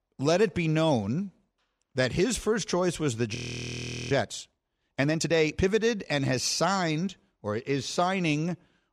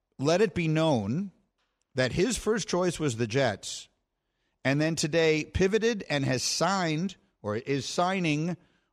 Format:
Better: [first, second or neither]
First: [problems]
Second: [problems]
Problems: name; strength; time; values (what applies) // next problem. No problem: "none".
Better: second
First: audio freezing; at 3.5 s for 1 s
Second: none